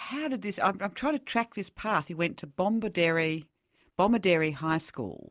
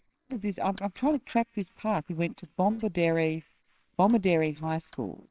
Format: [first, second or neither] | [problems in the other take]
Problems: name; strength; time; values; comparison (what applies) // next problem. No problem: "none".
first | noise reduction (neural separator model SepFormer WHAMR!)